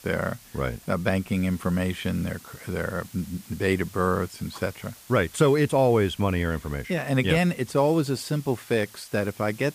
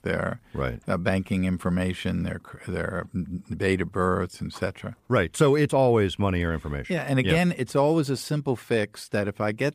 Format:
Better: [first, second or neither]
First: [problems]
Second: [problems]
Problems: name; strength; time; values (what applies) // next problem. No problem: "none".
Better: second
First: hiss; faint; throughout; 20 dB below the speech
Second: none